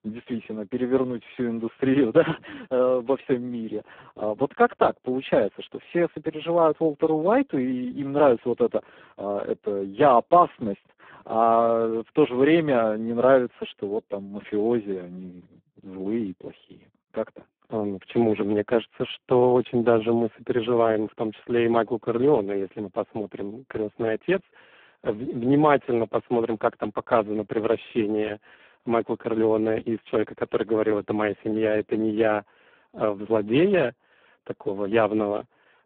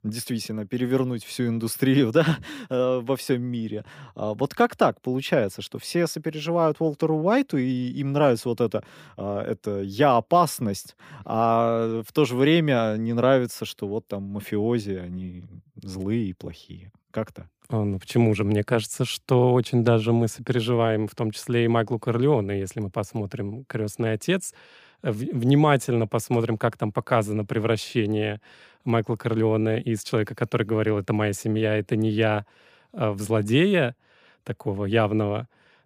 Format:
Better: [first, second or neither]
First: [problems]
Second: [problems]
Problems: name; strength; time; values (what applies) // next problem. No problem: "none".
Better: second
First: phone-call audio; poor line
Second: none